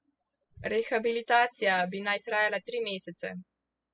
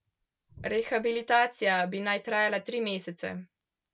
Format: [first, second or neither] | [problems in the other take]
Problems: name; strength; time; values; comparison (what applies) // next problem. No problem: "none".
second | noise reduction (classical method spectral subtraction)